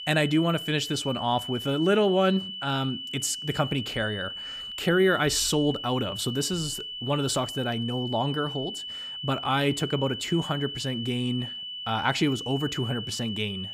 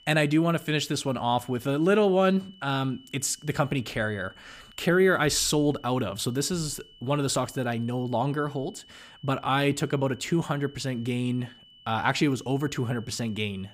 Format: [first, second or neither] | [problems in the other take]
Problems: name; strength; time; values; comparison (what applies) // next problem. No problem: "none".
second | high-pitched whine; loud; throughout; 3 kHz, 7 dB below the speech; faint in the second